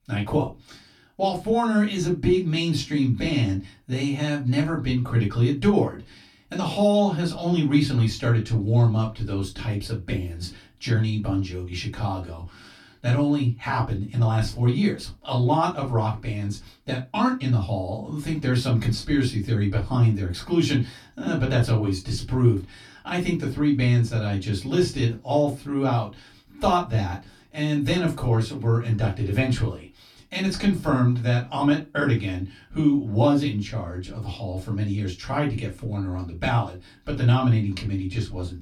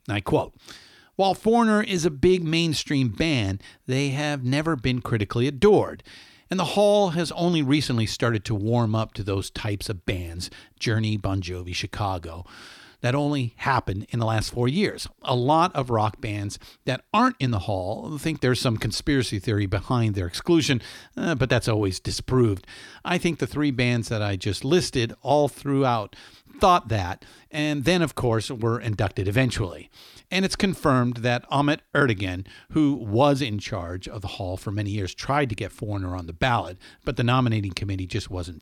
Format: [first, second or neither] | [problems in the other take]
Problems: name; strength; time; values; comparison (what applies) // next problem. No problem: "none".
second | off-mic speech; far // room echo; very slight; dies away in 0.2 s